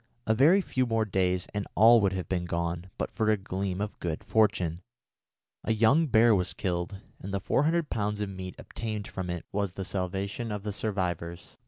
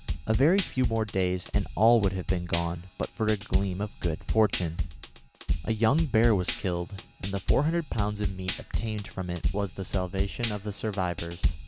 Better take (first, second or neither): first